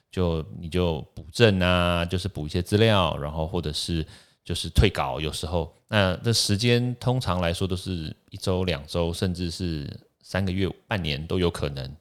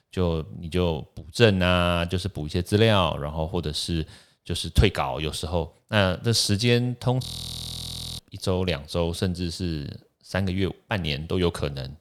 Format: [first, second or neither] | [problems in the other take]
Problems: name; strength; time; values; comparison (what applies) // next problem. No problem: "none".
first | audio freezing; at 7 s for 1 s